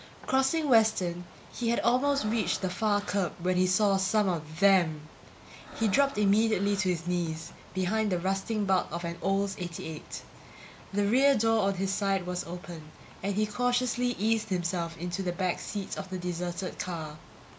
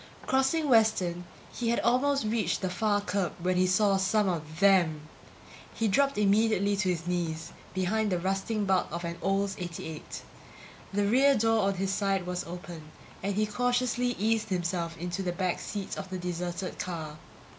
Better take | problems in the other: second | background sound (Breathing); 17 dB below the speech

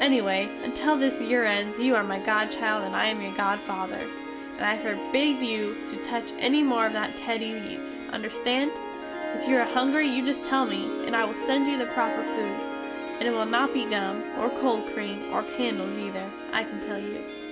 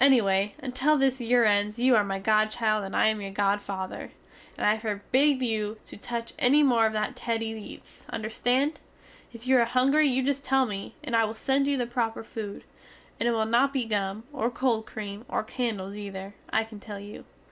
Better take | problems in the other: second | background sound (Harp); 6 dB below the speech

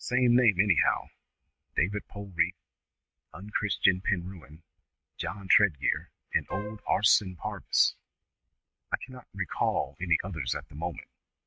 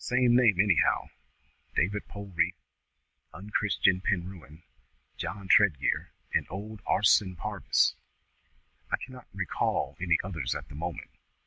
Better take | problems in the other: second | noise reduction (neural mask model RNNoise)

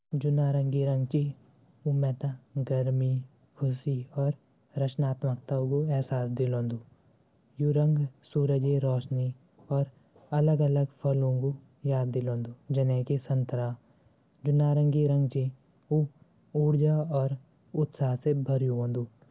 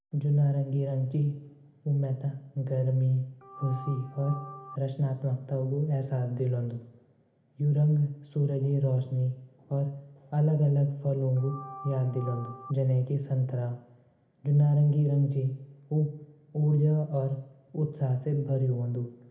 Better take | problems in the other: first | background sound (Organ); 15 dB below the speech // room echo; dies away in 0.7 s

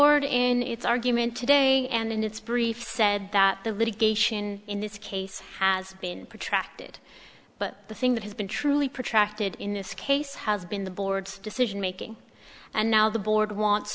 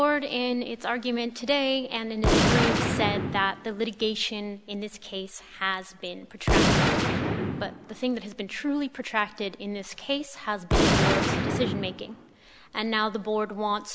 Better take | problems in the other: first | background sound (Gunshot, gunfire); 1 dB above the speech

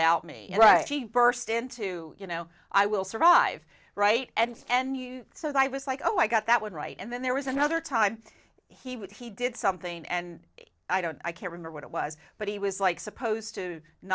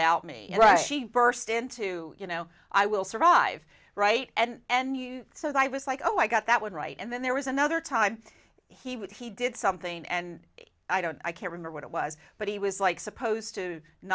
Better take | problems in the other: second | noise reduction (neural separator model SepFormer DNS4)

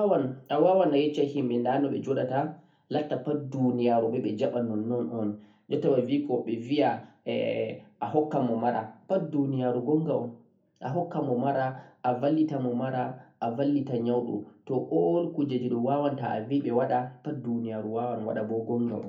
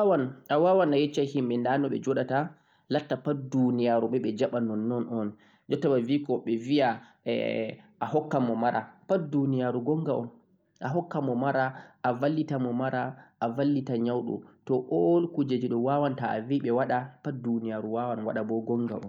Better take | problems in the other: second | room echo; dies away in 0.3 s

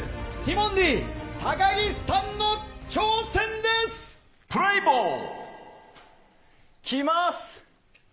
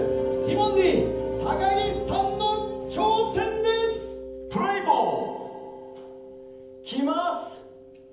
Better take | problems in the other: first | background sound (Mallet percussion); 5 dB below the speech // room echo; dies away in 0.8 s

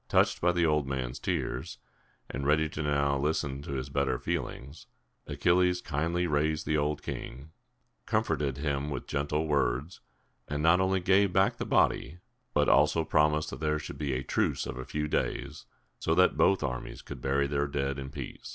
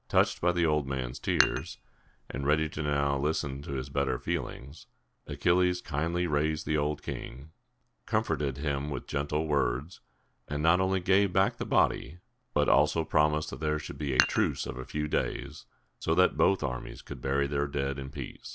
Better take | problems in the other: first | background sound (Dishes, pots, and pans); 5 dB below the speech

